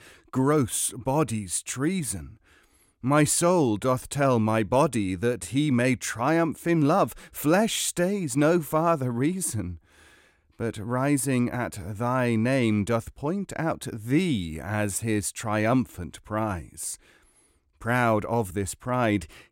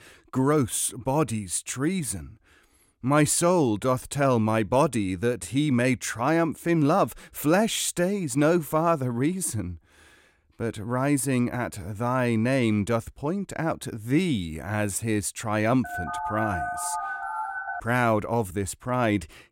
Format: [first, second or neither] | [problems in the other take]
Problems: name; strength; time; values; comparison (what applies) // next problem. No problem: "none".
first | phone ringing; noticeable; from 16 to 18 s; peak 5 dB below the speech